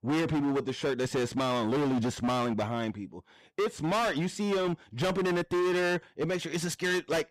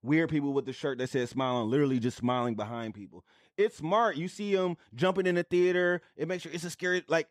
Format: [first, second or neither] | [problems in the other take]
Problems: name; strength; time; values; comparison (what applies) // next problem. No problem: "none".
second | distortion; heavy; 26% of the sound clipped